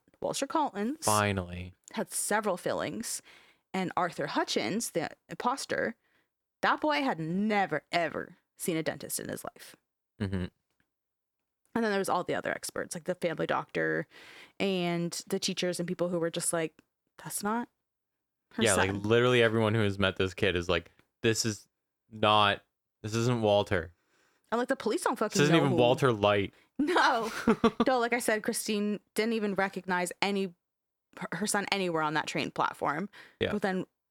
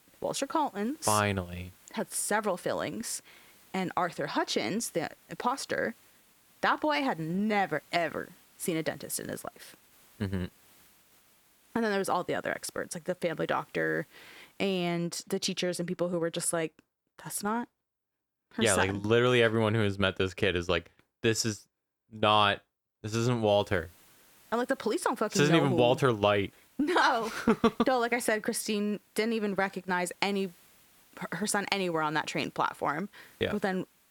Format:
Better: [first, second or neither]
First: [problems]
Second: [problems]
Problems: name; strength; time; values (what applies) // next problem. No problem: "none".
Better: first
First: none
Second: hiss; faint; until 15 s and from 24 s on; 30 dB below the speech